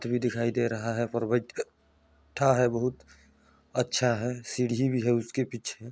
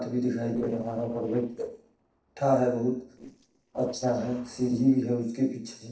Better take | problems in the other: first | noise reduction (neural separator model SepFormer DNS4)

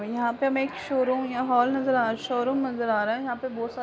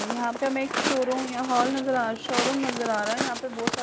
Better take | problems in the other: first | background sound (Walk, footsteps); 4 dB below the speech

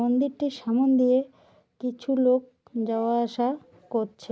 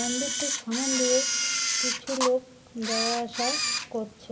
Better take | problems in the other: first | background sound (Camera); 1 dB above the speech // room echo; dies away in 1.9 s

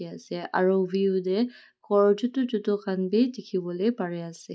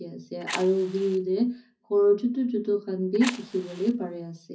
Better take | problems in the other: first | background sound (Fire); 13 dB below the speech // room echo; dies away in 0.4 s

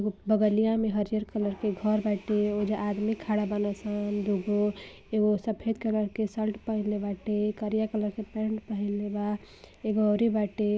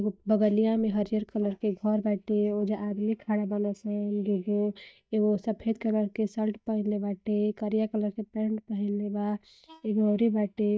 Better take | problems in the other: first | noise reduction (neural mask model DeepFilterNet 3)

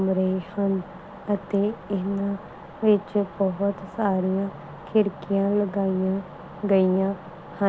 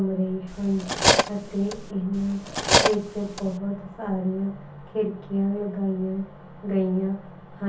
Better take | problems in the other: first | background sound (Cutlery, silverware); 3 dB above the speech // room echo; dies away in 0.4 s

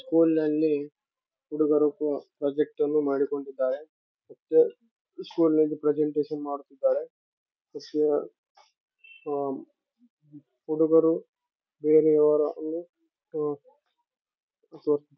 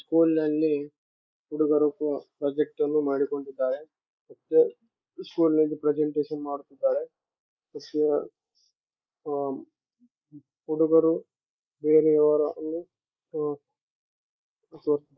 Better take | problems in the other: first | noise reduction (neural mask model Resemble Enhance denoiser)

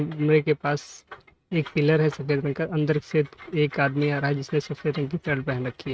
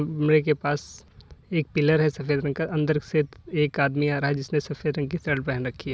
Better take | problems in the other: second | noise reduction (neural mask model RNNoise)

